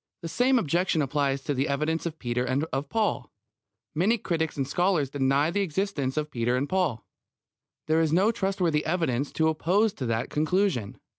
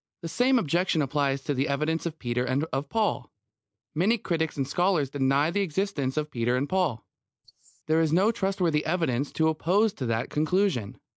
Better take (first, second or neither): first